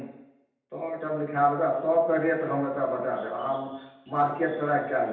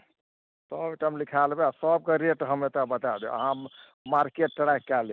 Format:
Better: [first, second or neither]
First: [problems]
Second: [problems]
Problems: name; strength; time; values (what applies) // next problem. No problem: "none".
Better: second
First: room echo; dies away in 0.9 s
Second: none